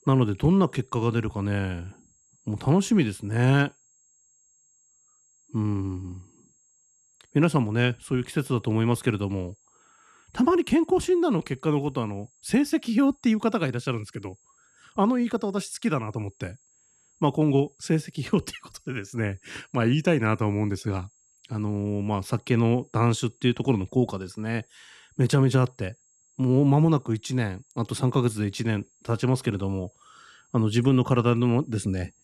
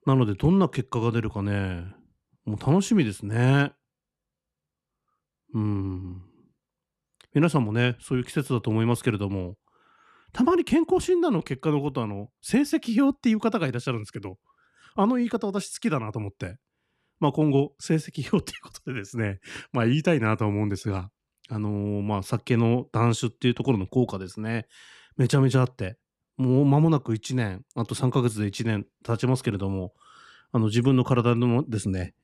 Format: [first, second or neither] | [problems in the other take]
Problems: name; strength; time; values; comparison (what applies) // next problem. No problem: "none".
second | high-pitched whine; faint; throughout; 7.5 kHz, 35 dB below the speech